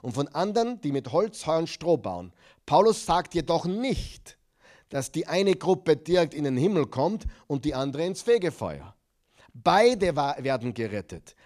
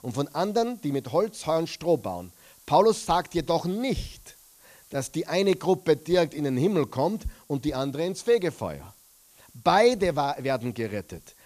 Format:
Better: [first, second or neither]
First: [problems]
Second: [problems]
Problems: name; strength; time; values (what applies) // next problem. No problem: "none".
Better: first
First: none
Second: hiss; faint; throughout; 25 dB below the speech